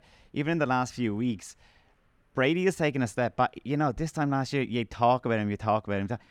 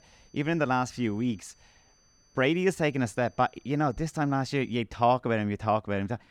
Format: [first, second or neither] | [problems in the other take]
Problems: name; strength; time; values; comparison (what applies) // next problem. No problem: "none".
first | high-pitched whine; faint; until 5 s; 6 kHz, 35 dB below the speech